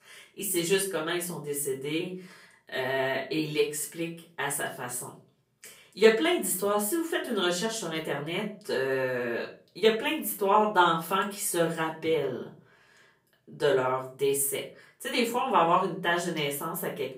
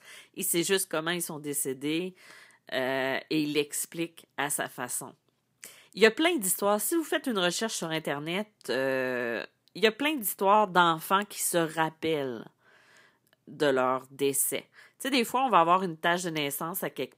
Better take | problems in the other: second | room echo; slight; dies away in 0.4 s // off-mic speech; far

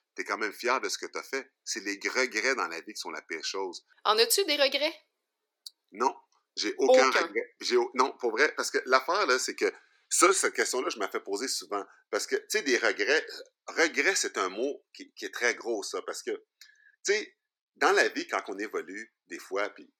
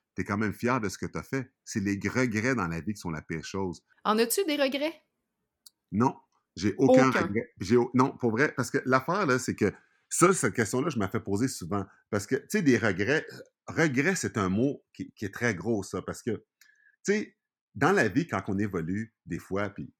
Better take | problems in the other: second | thin; very; fading below 350 Hz

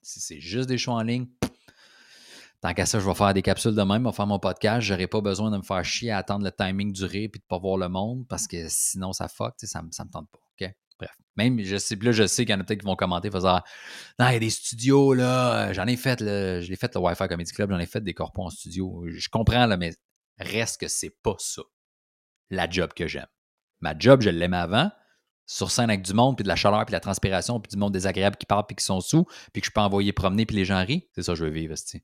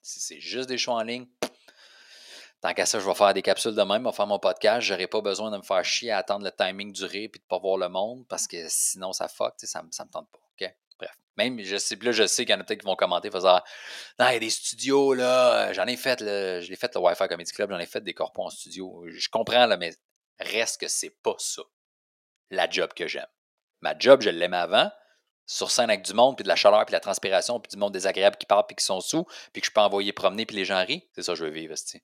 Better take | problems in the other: first | thin; very; fading below 450 Hz

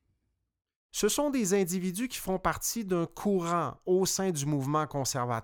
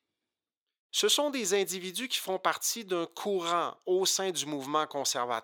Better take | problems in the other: first | thin; somewhat; fading below 400 Hz

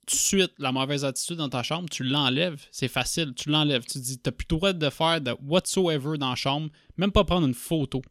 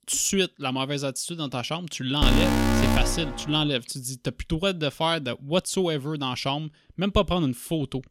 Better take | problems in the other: first | alarm; loud; from 2 to 3.5 s; peak 4 dB above the speech

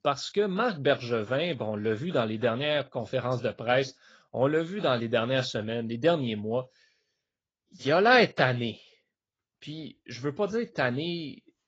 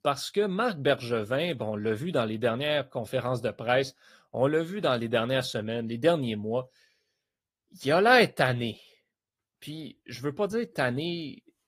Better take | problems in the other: second | garbled, watery; badly; slightly in the second

